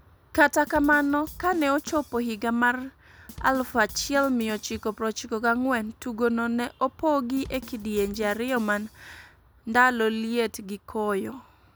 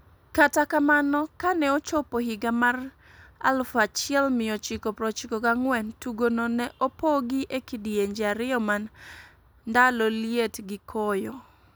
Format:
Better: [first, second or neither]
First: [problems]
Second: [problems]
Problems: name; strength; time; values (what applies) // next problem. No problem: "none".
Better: second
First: background sound (Drum kit); 19 dB below the speech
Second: none